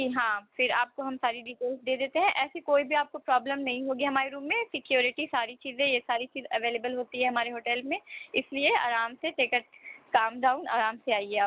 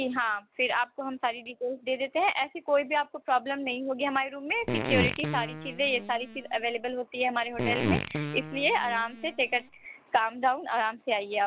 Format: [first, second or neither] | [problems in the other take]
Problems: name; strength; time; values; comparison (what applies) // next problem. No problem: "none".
first | background sound (Fart); 4 dB below the speech